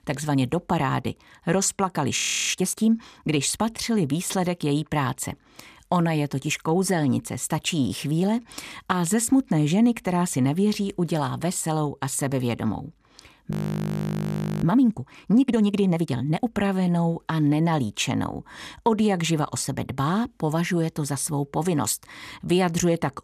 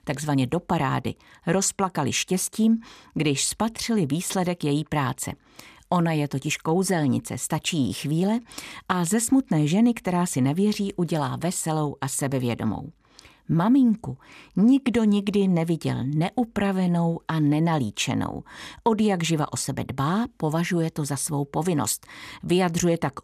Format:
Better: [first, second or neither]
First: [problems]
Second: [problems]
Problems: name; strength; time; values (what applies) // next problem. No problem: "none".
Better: second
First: audio freezing; at 2 s and at 14 s for 1 s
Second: none